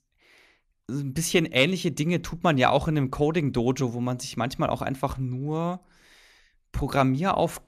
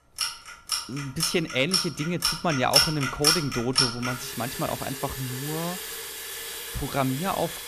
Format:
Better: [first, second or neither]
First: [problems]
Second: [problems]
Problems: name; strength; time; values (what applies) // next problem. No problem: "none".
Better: first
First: none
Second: household noises; very loud; throughout; 2 dB above the speech